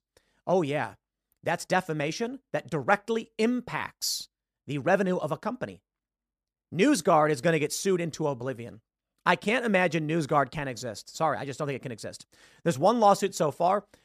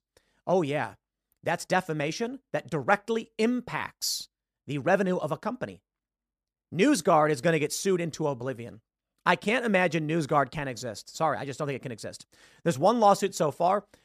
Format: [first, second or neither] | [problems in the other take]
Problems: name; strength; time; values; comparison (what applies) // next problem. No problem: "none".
neither | none